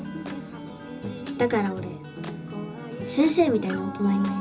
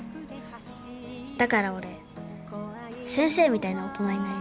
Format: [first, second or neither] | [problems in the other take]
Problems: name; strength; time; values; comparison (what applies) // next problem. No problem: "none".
second | background sound (Acoustic guitar); 12 dB below the speech // room echo; dies away in 0.2 s